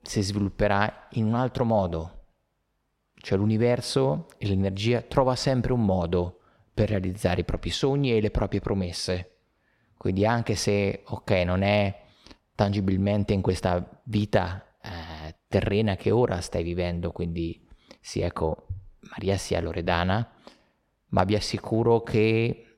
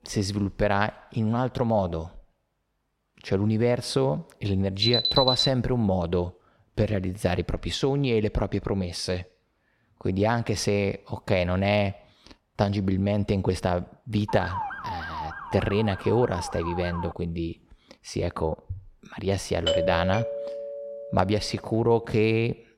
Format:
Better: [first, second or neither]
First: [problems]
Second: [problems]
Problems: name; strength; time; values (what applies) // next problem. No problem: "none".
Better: first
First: none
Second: alarm; loud; at 5 s; peak 5 dB above the speech // siren; noticeable; from 14 to 17 s; peak 6 dB below the speech // doorbell; loud; from 20 to 21 s; peak 1 dB above the speech